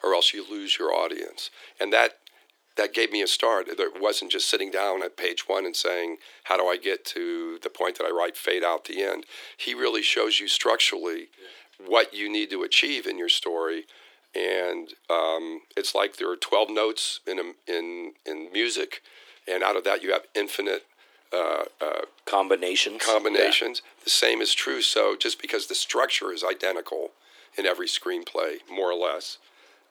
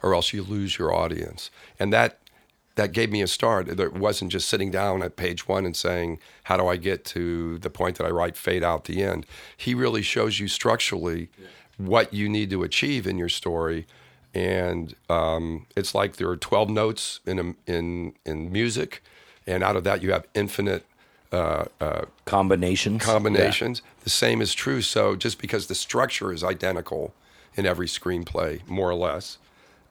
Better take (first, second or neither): second